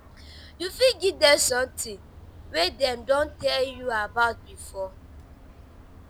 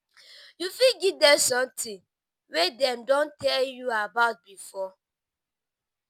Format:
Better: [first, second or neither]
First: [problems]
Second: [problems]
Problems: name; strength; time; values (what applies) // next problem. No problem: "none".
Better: second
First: background sound (Vehicle horn, car horn, honking); 19 dB below the speech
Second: none